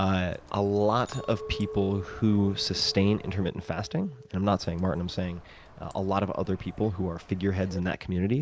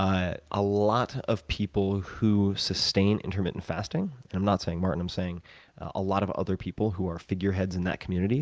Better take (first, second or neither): second